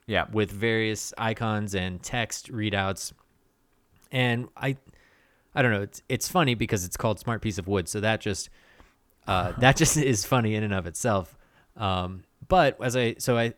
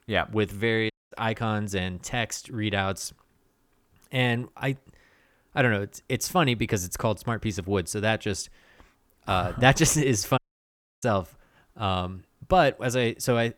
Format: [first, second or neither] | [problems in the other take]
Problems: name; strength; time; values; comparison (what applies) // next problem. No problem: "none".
first | audio cutting out; at 1 s and at 10 s for 0.5 s